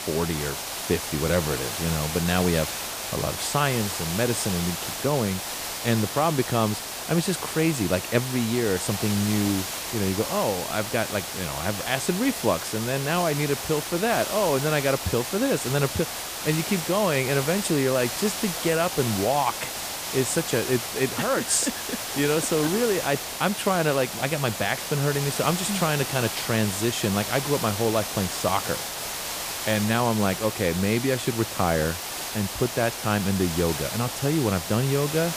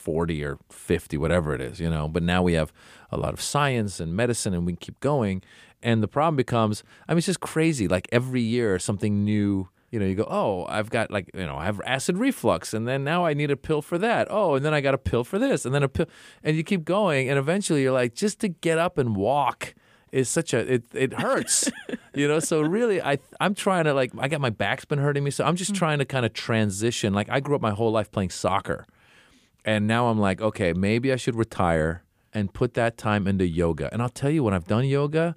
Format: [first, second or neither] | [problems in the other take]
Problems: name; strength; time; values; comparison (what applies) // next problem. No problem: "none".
second | hiss; loud; throughout; 4 dB below the speech